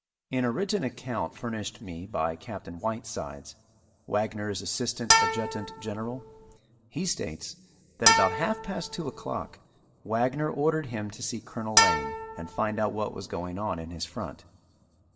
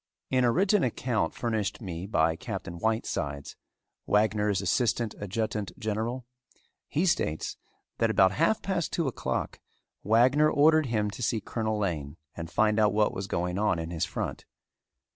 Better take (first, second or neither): second